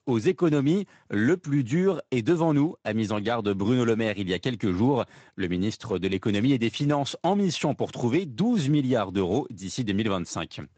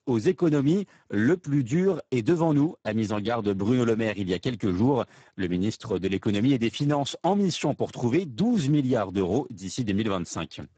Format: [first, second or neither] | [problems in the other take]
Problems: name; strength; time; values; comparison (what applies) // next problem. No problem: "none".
first | garbled, watery; badly; nothing above 8 kHz; slightly in the first